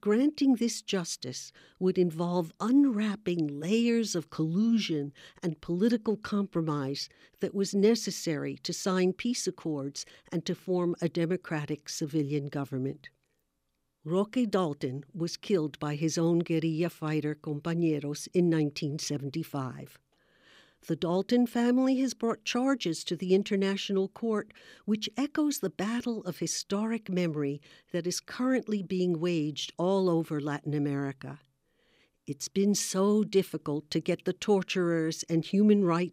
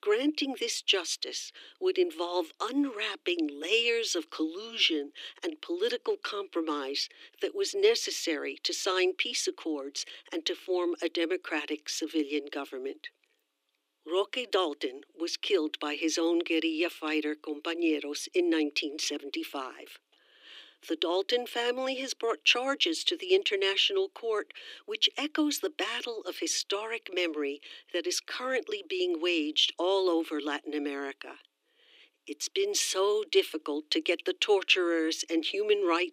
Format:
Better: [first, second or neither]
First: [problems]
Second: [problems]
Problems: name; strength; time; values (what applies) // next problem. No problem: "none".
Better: first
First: none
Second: thin; somewhat; fading below 300 Hz